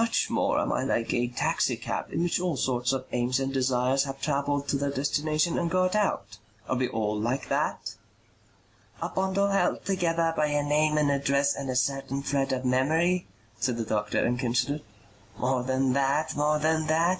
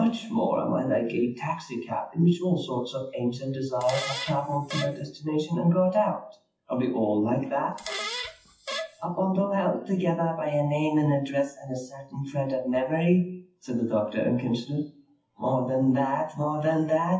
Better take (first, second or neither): first